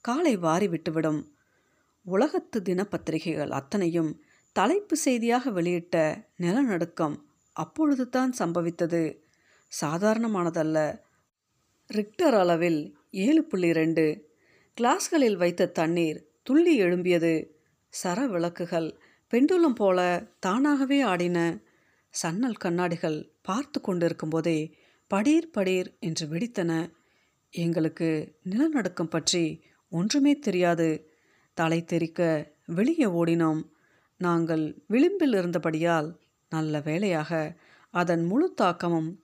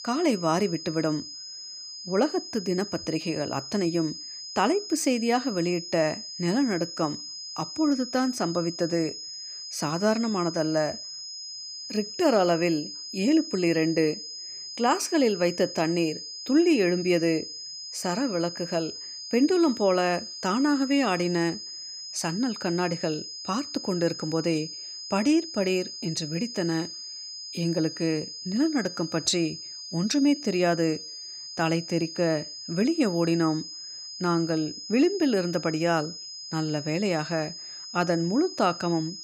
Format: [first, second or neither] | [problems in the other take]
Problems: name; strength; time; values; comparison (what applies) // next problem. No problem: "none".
first | high-pitched whine; loud; throughout; 5 kHz, 9 dB below the speech